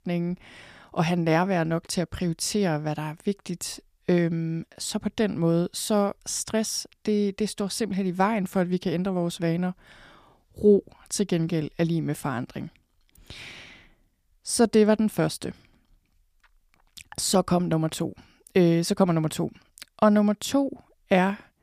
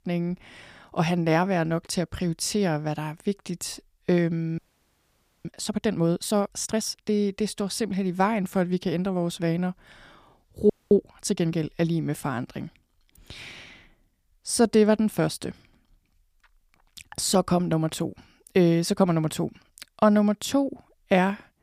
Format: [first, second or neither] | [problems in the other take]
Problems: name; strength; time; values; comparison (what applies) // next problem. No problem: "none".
first | audio freezing; at 4.5 s for 1 s and at 11 s